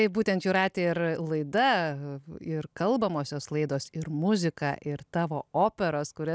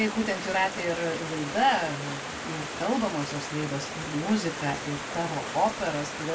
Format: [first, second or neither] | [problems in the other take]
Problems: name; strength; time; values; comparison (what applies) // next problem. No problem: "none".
first | background sound (Stream); 6 dB below the speech // room echo; dies away in 0.2 s